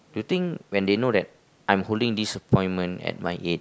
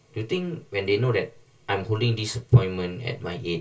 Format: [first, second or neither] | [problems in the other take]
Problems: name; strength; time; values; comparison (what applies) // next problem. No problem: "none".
first | room echo; dies away in 0.2 s